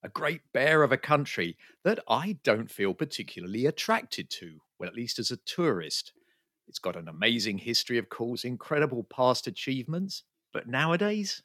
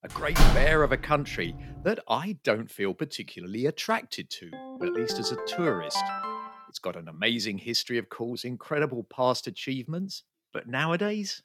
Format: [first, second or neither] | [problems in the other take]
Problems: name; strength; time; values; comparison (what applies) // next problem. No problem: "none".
first | door banging; loud; at 0.5 s; peak 6 dB above the speech // phone ringing; noticeable; from 4.5 to 6.5 s; peak 1 dB below the speech